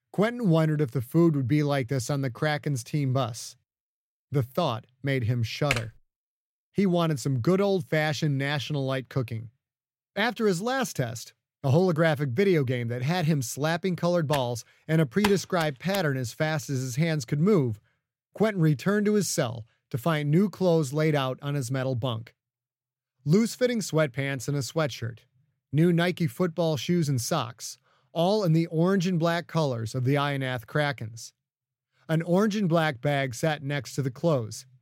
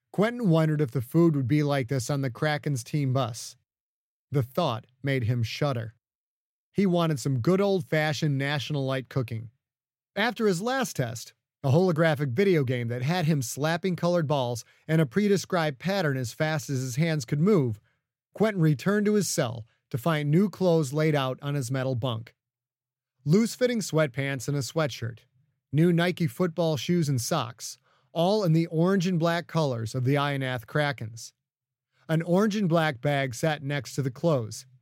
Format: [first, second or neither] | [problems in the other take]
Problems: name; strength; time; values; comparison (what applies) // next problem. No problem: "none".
second | keyboard typing; noticeable; at 5.5 s and from 14 to 16 s; peak 4 dB below the speech